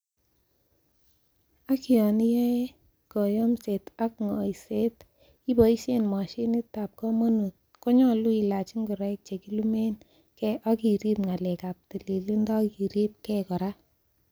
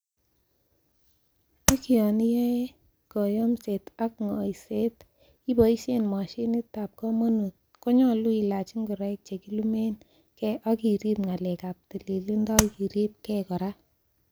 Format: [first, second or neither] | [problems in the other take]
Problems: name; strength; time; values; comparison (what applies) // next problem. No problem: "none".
first | background sound (Tap); 2 dB above the speech